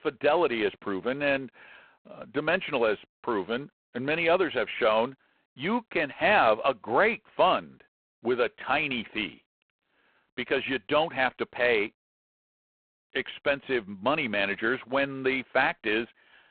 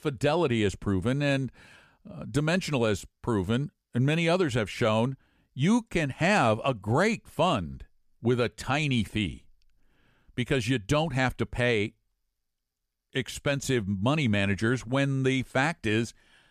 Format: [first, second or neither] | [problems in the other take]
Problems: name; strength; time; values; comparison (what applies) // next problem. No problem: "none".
second | phone-call audio; poor line; nothing above 3.5 kHz